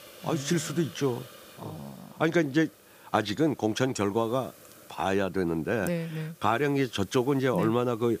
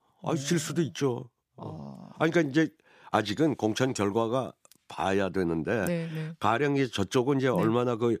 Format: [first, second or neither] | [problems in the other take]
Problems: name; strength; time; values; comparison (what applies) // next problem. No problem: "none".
second | hiss; faint; throughout; 20 dB below the speech